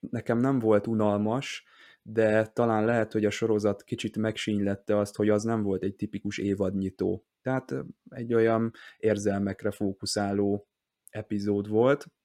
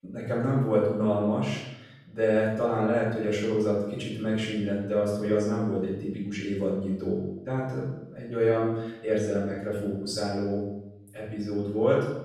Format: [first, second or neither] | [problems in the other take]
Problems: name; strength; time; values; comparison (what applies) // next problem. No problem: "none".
first | off-mic speech; far // room echo; noticeable; dies away in 0.8 s